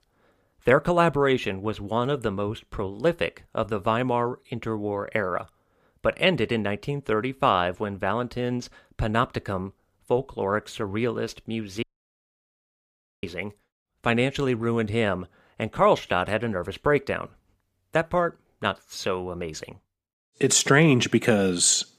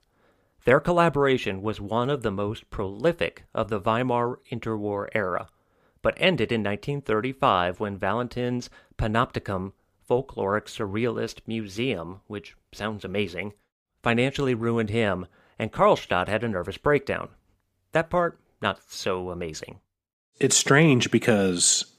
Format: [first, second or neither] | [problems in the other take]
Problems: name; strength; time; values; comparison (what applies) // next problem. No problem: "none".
second | audio cutting out; at 12 s for 1.5 s